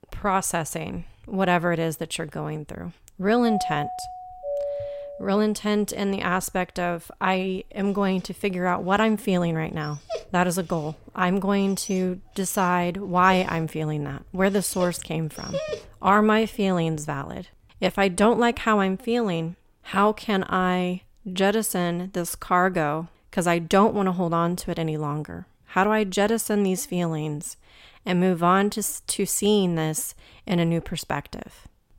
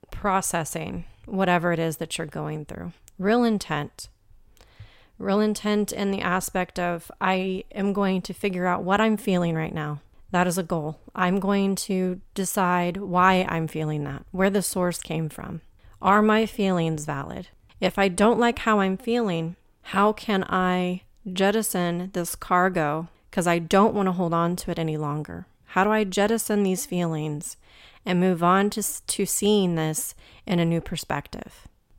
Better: second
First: doorbell; noticeable; from 3.5 to 5.5 s; peak 4 dB below the speech // dog barking; noticeable; from 10 to 16 s; peak 6 dB below the speech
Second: none

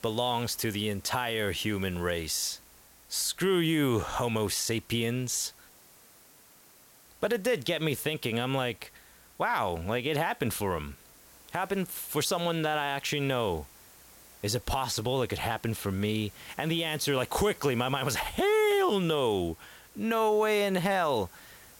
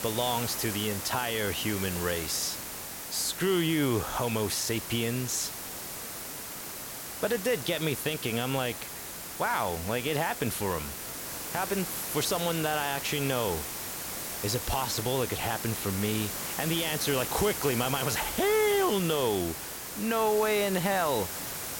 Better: first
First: hiss; faint; throughout; 25 dB below the speech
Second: hiss; loud; throughout; 5 dB below the speech

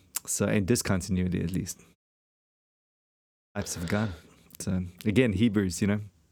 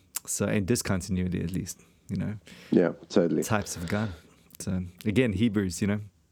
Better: second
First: audio cutting out; at 2 s for 1.5 s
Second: none

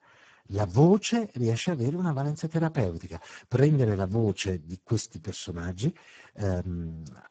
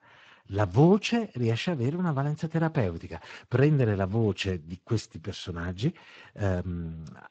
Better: second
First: garbled, watery; badly; nothing above 7.5 kHz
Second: garbled, watery; slightly; nothing above 7.5 kHz

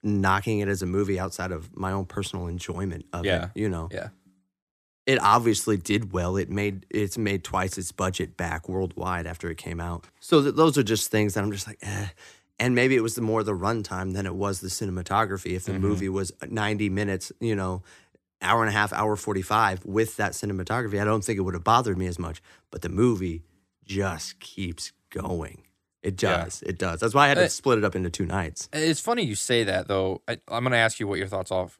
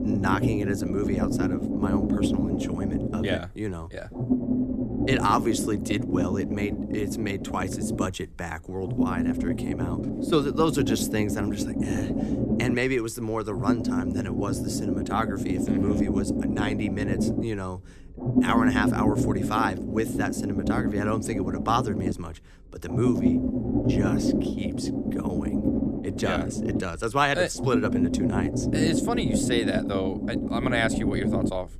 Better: first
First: none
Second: low rumble; loud; throughout; 3 dB below the speech

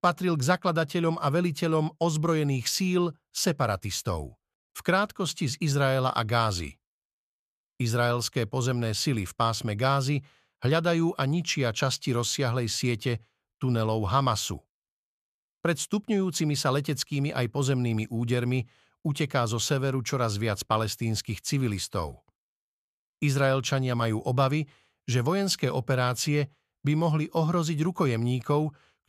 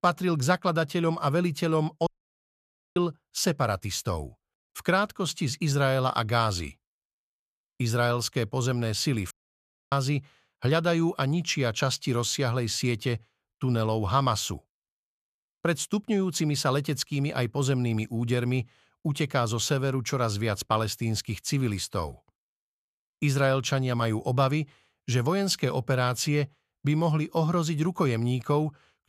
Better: first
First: none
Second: audio cutting out; at 2 s for 1 s and at 9.5 s for 0.5 s

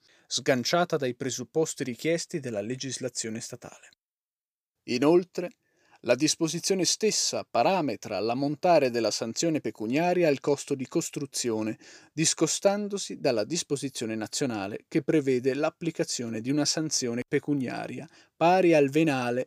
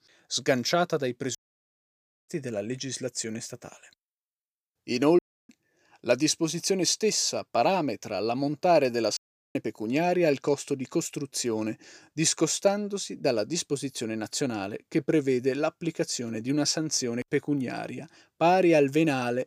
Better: first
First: none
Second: audio cutting out; at 1.5 s for 1 s, at 5 s and at 9 s

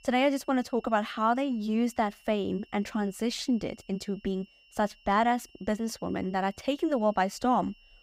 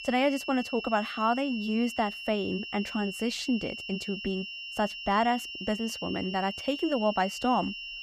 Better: first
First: high-pitched whine; faint; throughout; 3 kHz, 30 dB below the speech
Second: high-pitched whine; loud; throughout; 3 kHz, 7 dB below the speech

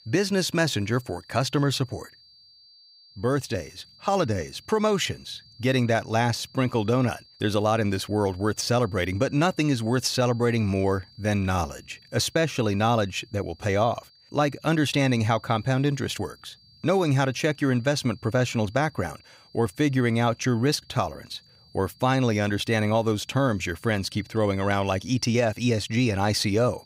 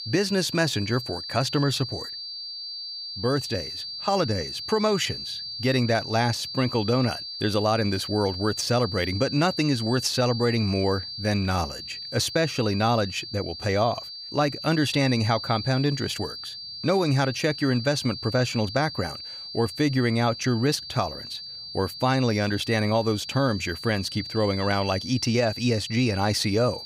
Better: first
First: high-pitched whine; faint; throughout; 4.5 kHz, 25 dB below the speech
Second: high-pitched whine; loud; throughout; 4.5 kHz, 8 dB below the speech

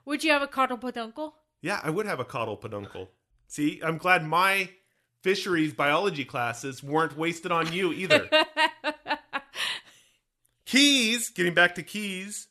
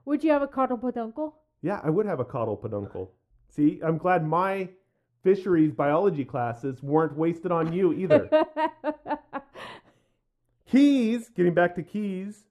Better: first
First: none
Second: muffled; very; fading above 1.5 kHz

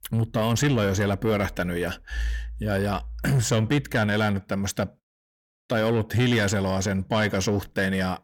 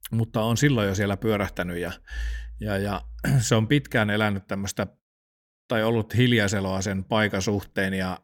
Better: second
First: distortion; slight; 10 dB below the speech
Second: none

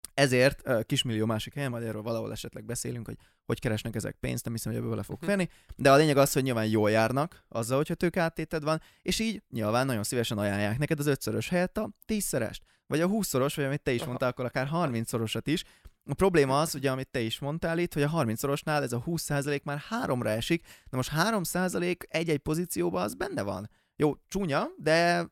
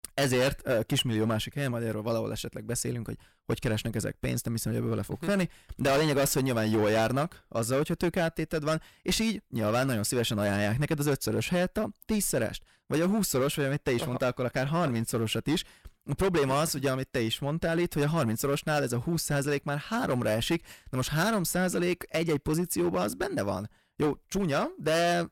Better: first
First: none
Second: distortion; heavy; 10% of the sound clipped

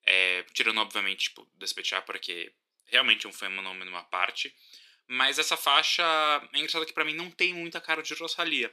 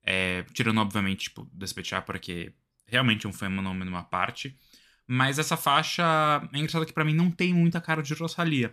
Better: second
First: thin; very; fading below 350 Hz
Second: none

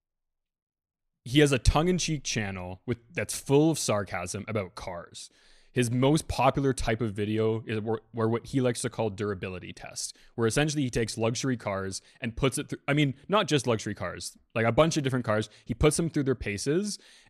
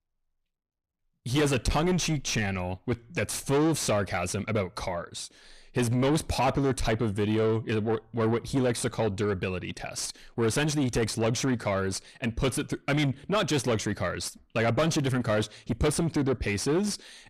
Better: first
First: none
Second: distortion; heavy; 6 dB below the speech

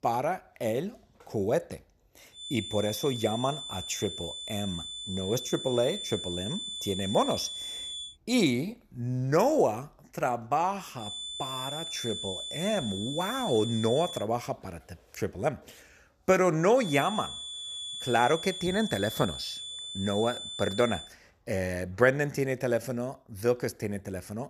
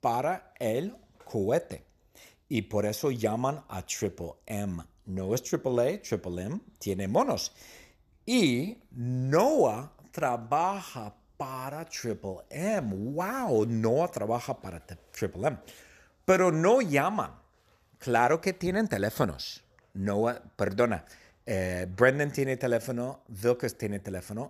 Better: second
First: high-pitched whine; loud; from 2.5 to 8 s, from 11 to 14 s and from 17 to 21 s; 3.5 kHz, 6 dB below the speech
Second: none

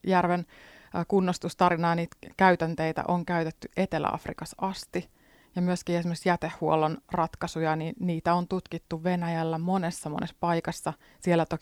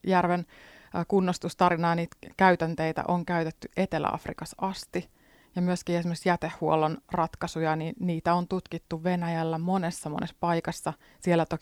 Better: neither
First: none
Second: none

